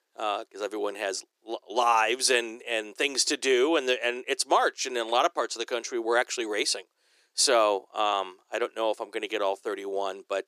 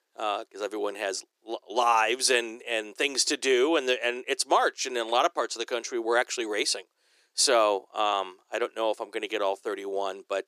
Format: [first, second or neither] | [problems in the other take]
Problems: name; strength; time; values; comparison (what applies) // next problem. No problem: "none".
neither | thin; very; fading below 350 Hz; the same in both